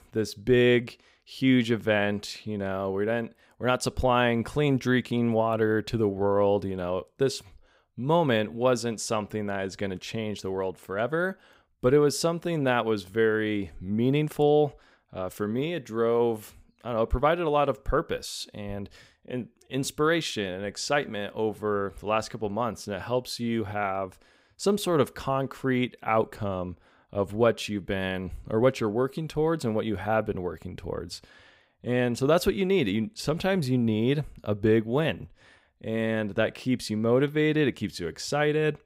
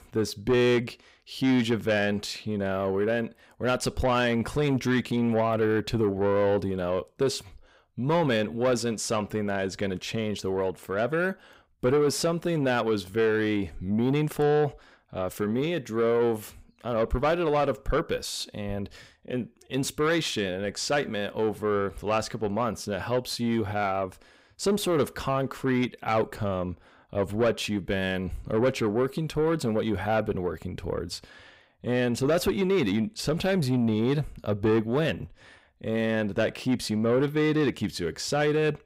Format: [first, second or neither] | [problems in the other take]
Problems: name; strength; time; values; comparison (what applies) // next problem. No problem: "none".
first | distortion; slight; 10 dB below the speech